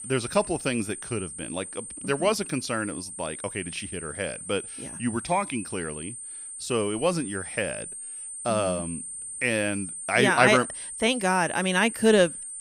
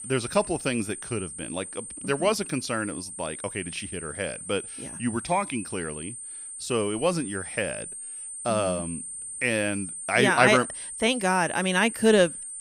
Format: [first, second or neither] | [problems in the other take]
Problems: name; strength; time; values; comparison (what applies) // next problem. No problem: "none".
neither | high-pitched whine; loud; throughout; 9 kHz, 9 dB below the speech; the same in both